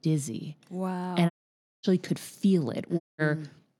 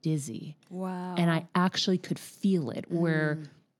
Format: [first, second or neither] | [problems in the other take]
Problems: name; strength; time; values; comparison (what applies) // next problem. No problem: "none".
second | audio cutting out; at 1.5 s for 0.5 s and at 3 s